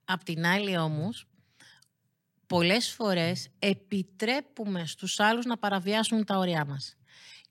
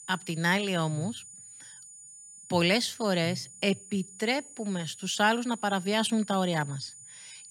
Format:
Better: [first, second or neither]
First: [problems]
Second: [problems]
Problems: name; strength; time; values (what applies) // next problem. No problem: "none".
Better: first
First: none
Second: high-pitched whine; noticeable; throughout; 7 kHz, 15 dB below the speech